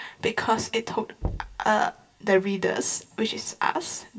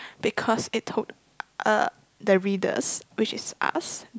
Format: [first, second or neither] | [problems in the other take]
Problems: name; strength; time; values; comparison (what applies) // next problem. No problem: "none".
second | background sound (Knock); 11 dB below the speech // room echo; dies away in 0.2 s